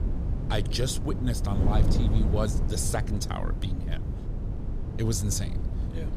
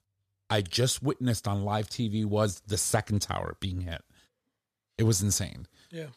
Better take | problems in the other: second | wind noise on the microphone; heavy; 7 dB below the speech

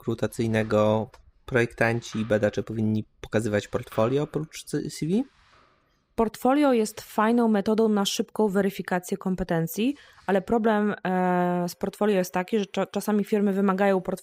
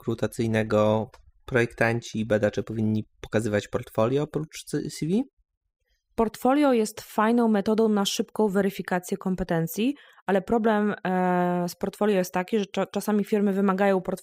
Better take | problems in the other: second | household noises; faint; throughout; 30 dB below the speech

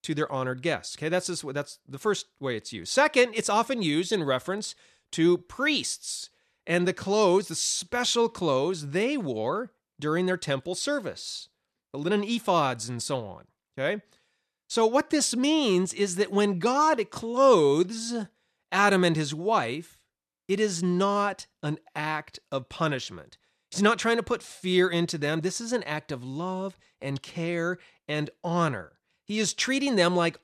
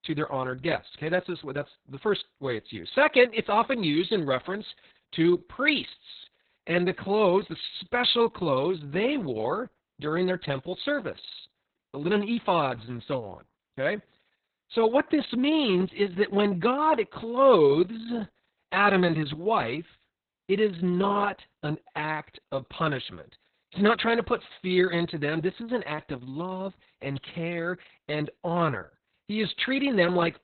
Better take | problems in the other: first | garbled, watery; badly; nothing above 4 kHz

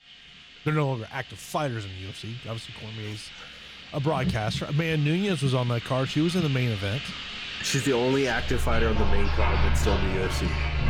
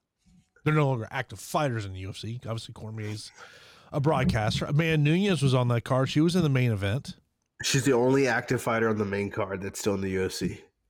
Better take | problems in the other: second | household noises; loud; throughout; 4 dB below the speech

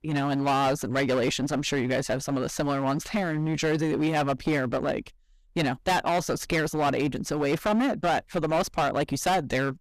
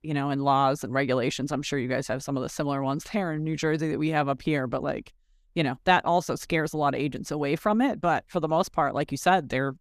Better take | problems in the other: second | distortion; heavy; 15% of the sound clipped

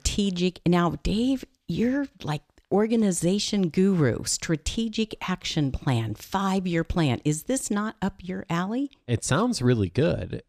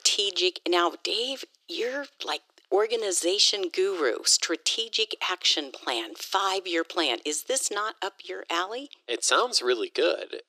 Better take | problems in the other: first | thin; very; fading below 350 Hz

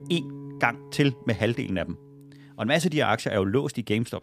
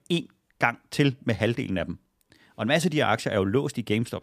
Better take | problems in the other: second | background music; noticeable; until 2 s; 20 dB below the speech

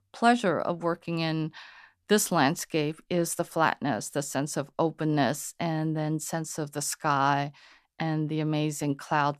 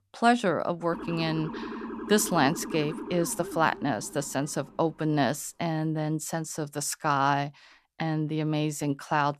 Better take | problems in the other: first | siren; noticeable; from 1 to 5 s; peak 8 dB below the speech

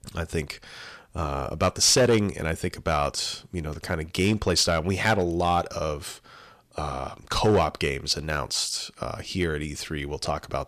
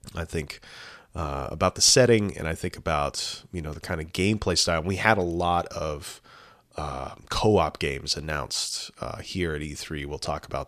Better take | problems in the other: second | distortion; slight; 2% of the sound clipped

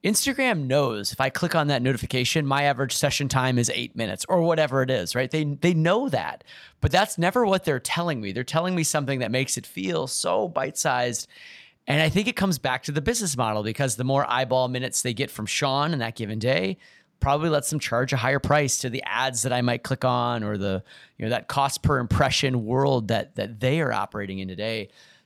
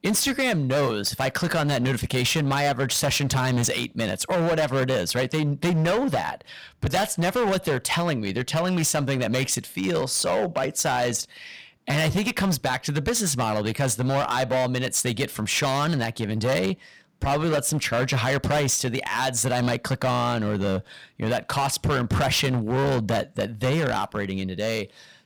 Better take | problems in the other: first | distortion; heavy; 17% of the sound clipped

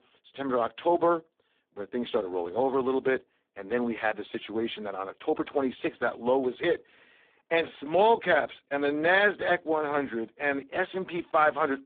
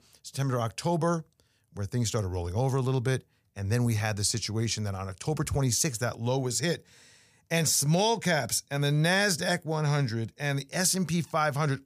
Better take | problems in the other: second | phone-call audio; poor line

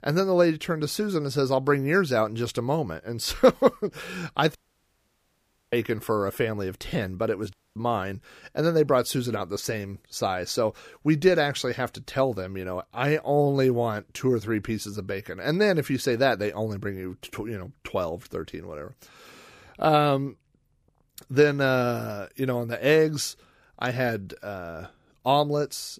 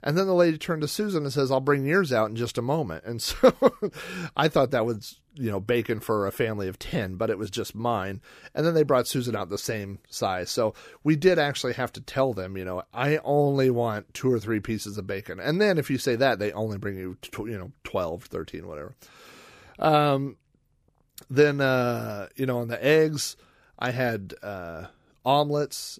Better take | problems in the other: second | audio cutting out; at 4.5 s for 1 s and at 7.5 s

